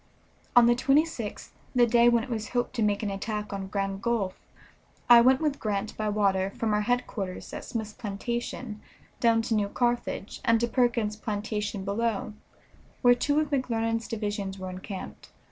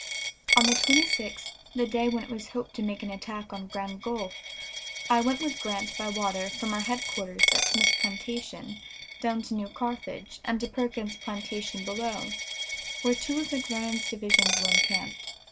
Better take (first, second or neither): first